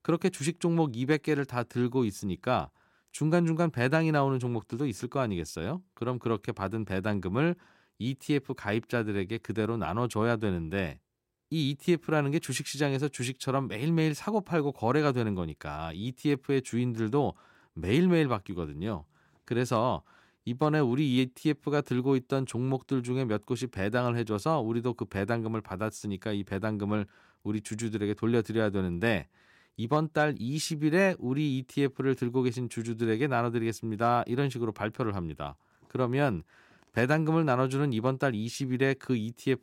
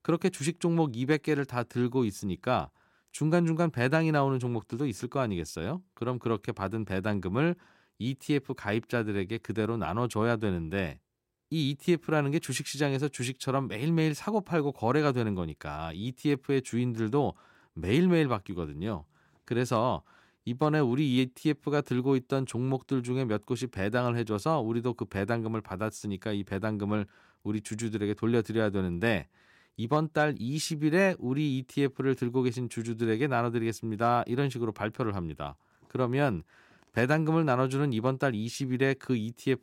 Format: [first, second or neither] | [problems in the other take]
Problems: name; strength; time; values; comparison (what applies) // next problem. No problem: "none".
neither | none